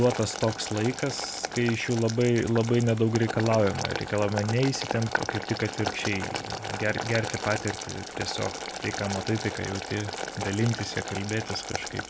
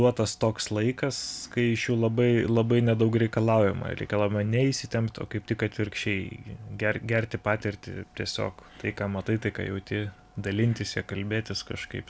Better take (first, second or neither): second